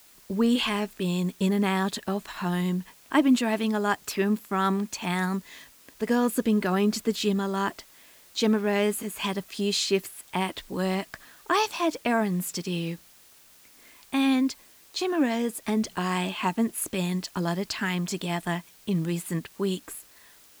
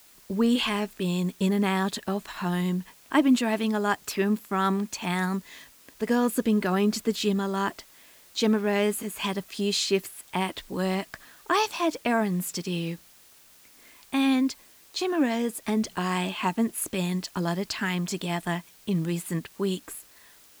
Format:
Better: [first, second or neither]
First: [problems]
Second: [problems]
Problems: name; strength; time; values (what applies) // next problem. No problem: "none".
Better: neither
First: hiss; faint; throughout; 25 dB below the speech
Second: hiss; faint; throughout; 25 dB below the speech